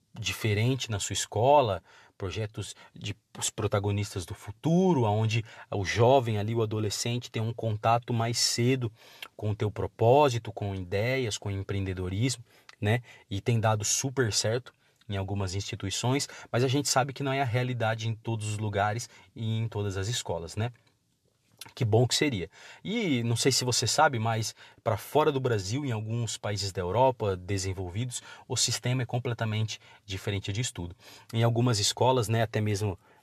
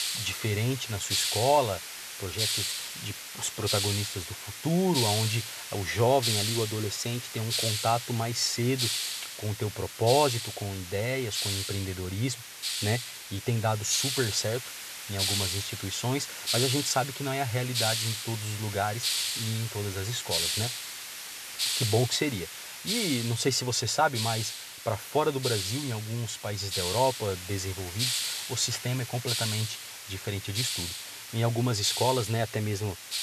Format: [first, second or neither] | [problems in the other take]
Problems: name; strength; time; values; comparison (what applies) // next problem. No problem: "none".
first | hiss; loud; throughout; 2 dB below the speech